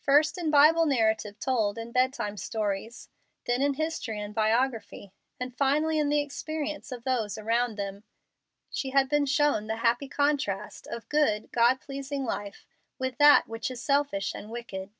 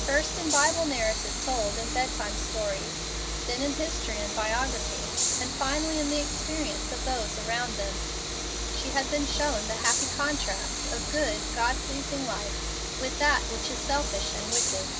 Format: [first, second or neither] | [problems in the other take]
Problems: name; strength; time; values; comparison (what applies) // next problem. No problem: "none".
first | background sound (Train); 1 dB above the speech